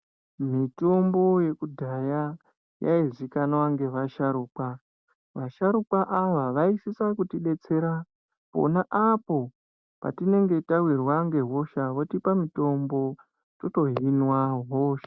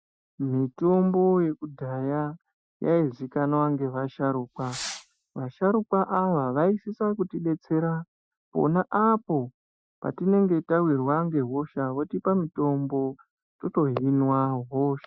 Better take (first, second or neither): first